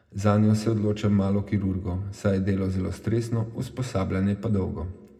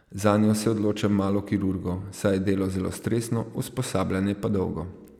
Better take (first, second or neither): second